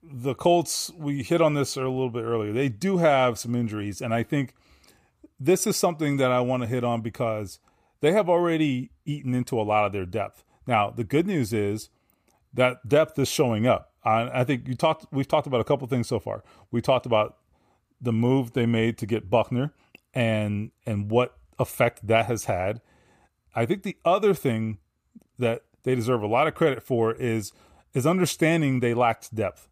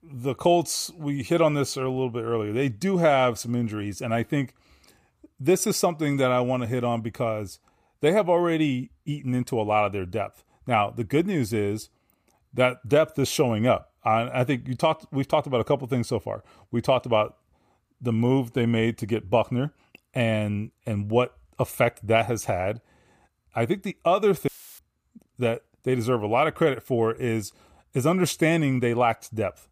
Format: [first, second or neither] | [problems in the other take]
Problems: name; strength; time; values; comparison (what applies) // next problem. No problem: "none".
first | audio cutting out; filled with static; at 24 s